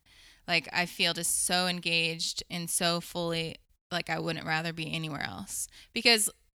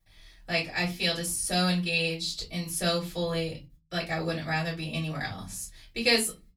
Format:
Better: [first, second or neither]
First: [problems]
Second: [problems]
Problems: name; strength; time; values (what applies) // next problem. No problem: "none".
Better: first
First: none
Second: off-mic speech; far // room echo; very slight; dies away in 0.3 s